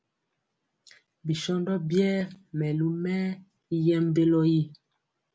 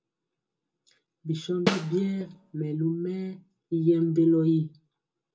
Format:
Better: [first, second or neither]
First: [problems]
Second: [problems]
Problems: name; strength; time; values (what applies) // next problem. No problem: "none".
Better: first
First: none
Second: background sound (Snare drum); 4 dB below the speech // room echo; dies away in 0.2 s